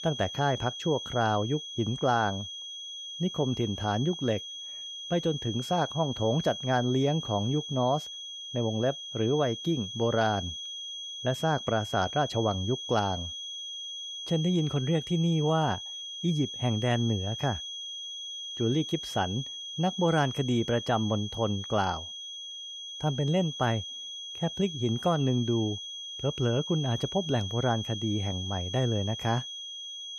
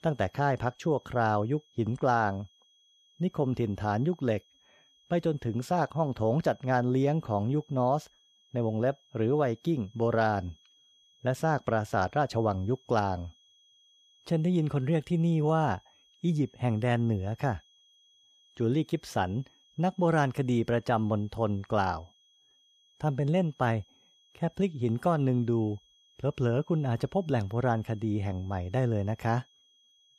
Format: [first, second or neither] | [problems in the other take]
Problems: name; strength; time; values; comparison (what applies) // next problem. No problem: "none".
second | high-pitched whine; loud; throughout; 3.5 kHz, 7 dB below the speech; faint in the second